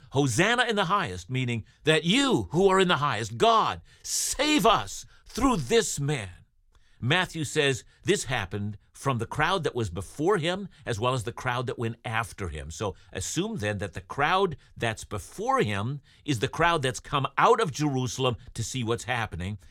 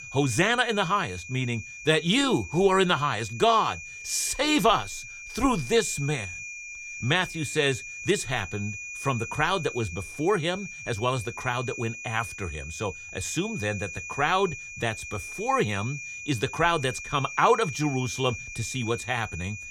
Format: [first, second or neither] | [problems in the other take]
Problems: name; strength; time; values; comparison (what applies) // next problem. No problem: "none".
first | high-pitched whine; noticeable; throughout; 2.5 kHz, 10 dB below the speech